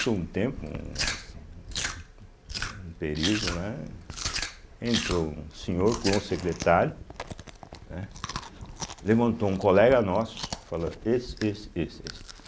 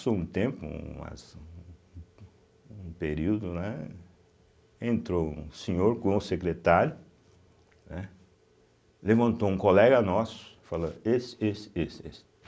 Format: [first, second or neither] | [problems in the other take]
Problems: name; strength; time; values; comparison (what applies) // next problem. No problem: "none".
second | background sound (Chewing, mastication); 9 dB below the speech